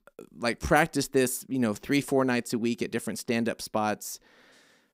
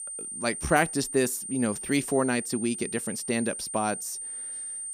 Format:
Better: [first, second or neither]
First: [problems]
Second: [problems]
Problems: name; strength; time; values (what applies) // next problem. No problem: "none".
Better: first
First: none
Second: high-pitched whine; loud; throughout; 9 kHz, 6 dB below the speech